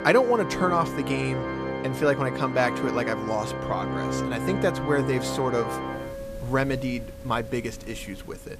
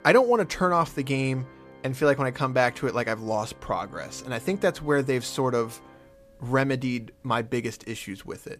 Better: second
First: background music; loud; throughout; 4 dB below the speech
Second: background music; faint; throughout; 25 dB below the speech

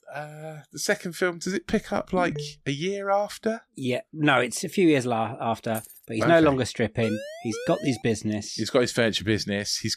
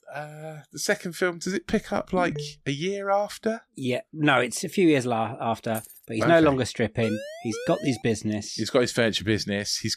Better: neither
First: phone ringing; noticeable; at 2 s; peak 9 dB below the speech // jangling keys; faint; at 5.5 s; peak 15 dB below the speech // siren; faint; from 7 to 8 s; peak 10 dB below the speech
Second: phone ringing; noticeable; at 2 s; peak 9 dB below the speech // jangling keys; faint; at 5.5 s; peak 15 dB below the speech // siren; faint; from 7 to 8 s; peak 10 dB below the speech

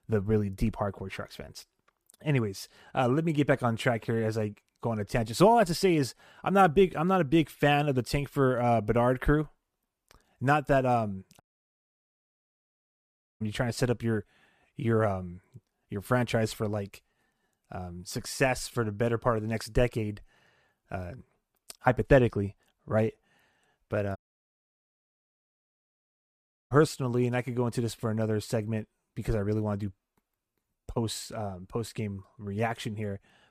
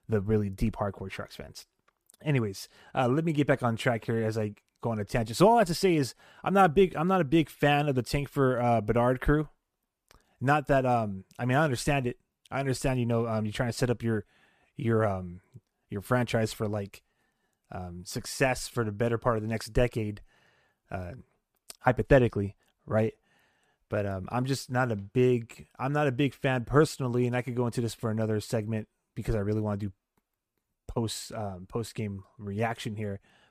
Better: second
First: audio cutting out; at 11 s for 2 s and at 24 s for 2.5 s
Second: none

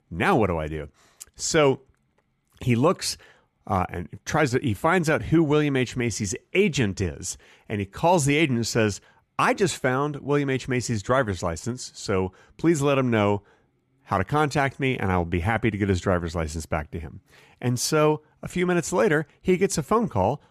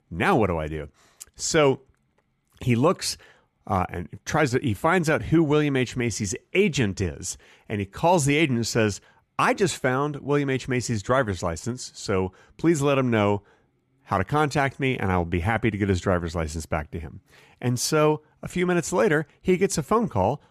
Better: neither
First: none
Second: none

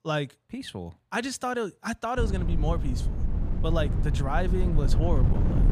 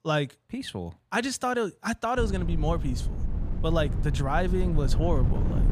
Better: second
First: wind noise on the microphone; heavy; from 2 s on; 9 dB below the speech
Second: wind noise on the microphone; occasional gusts; from 2 s on; 15 dB below the speech

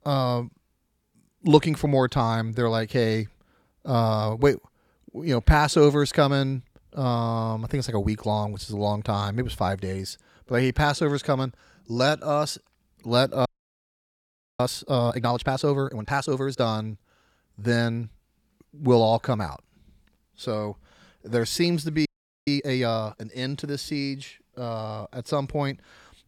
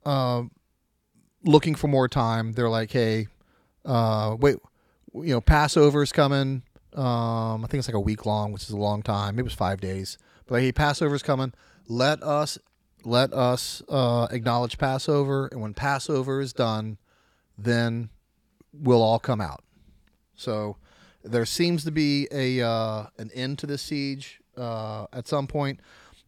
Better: second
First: audio freezing; at 13 s for 1 s and at 22 s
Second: none

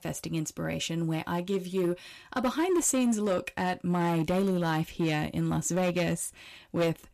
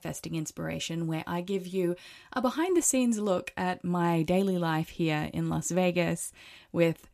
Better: second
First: distortion; slight; 8% of the sound clipped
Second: none

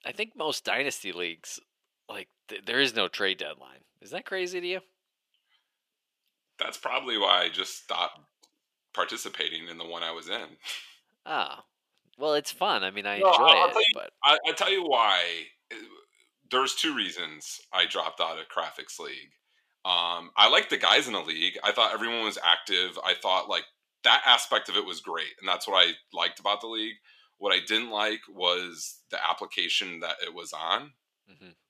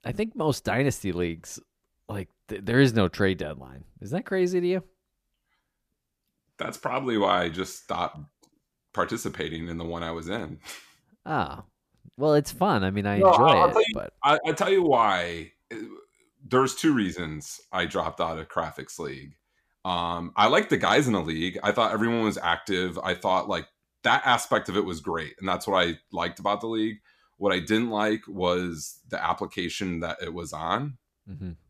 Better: second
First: thin; somewhat; fading below 500 Hz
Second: none

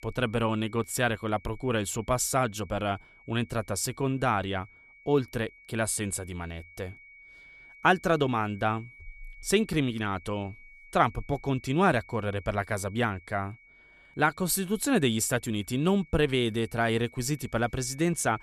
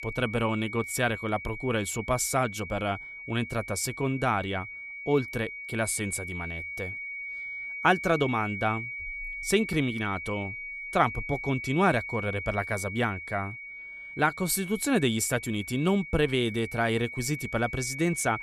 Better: first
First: high-pitched whine; faint; throughout; 2 kHz, 25 dB below the speech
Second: high-pitched whine; loud; throughout; 2 kHz, 8 dB below the speech

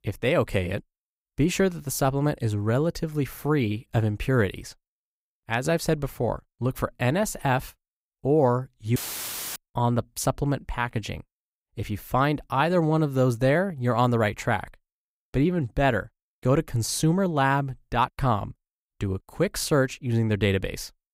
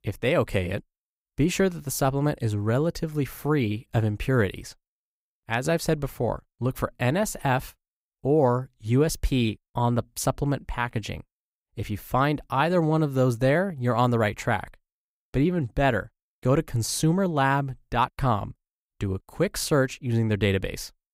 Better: second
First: audio cutting out; filled with static; at 9 s for 0.5 s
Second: none

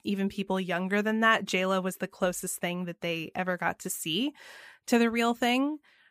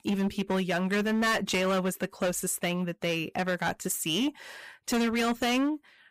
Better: first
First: none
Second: distortion; heavy; 14% of the sound clipped

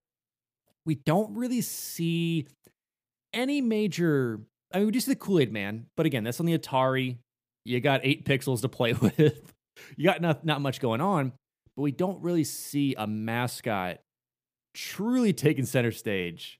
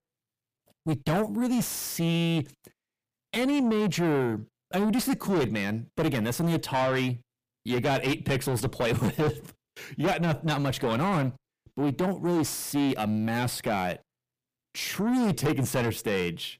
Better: first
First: none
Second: distortion; heavy; 5 dB below the speech

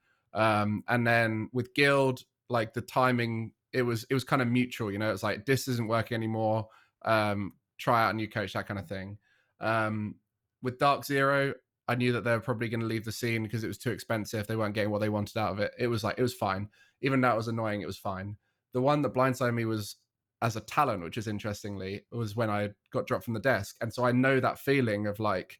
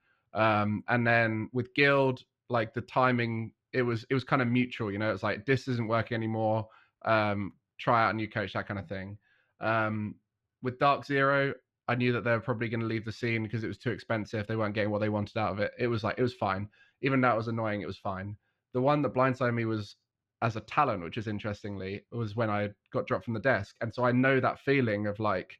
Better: first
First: none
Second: muffled; very slightly; fading above 3 kHz

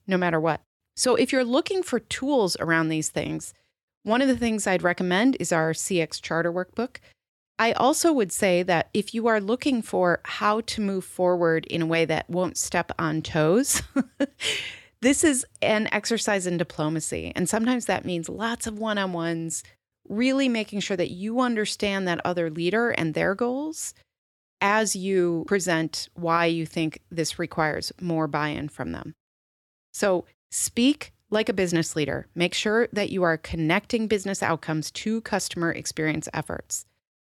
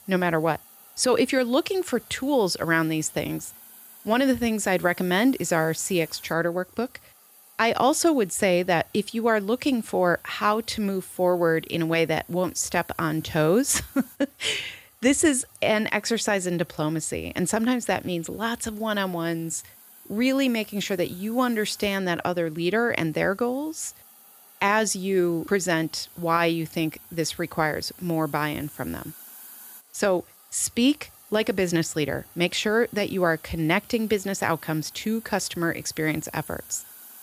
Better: first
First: none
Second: hiss; faint; throughout; 20 dB below the speech

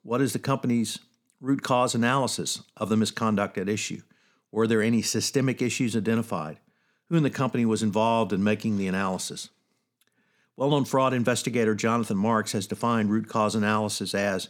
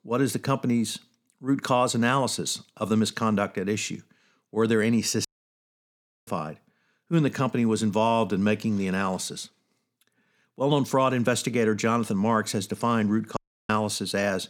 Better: first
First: none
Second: audio cutting out; at 5.5 s for 1 s and at 13 s

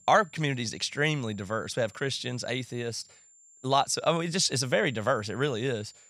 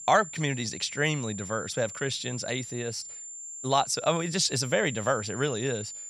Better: first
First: high-pitched whine; faint; throughout; 7.5 kHz, 25 dB below the speech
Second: high-pitched whine; loud; throughout; 7.5 kHz, 10 dB below the speech

